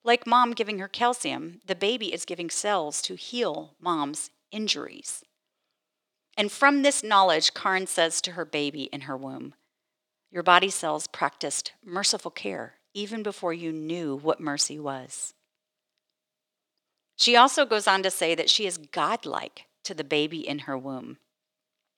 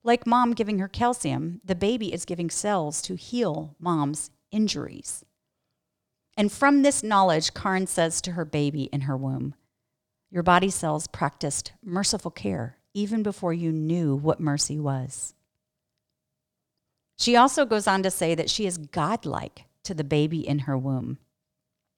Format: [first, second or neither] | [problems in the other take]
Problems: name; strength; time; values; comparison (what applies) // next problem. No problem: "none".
second | thin; somewhat; fading below 350 Hz